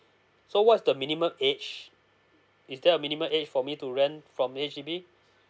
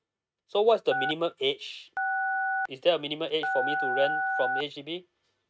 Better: first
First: none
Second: noise reduction (neural mask model RNNoise)

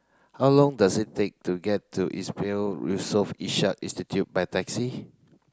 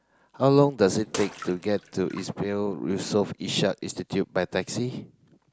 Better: first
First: none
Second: background sound (Bathtub (filling or washing) / Water / Splash, splatter); 15 dB below the speech

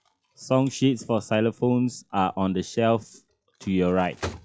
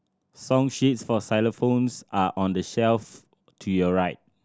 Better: second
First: noise reduction (classical method log-MMSE)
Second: none

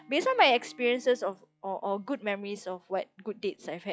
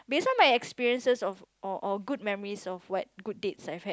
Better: second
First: noise reduction (classical method log-MMSE)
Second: none

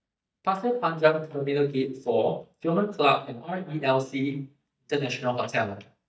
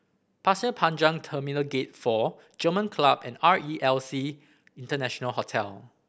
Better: second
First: noise reduction (neural mask model DeepFilterNet 3)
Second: none

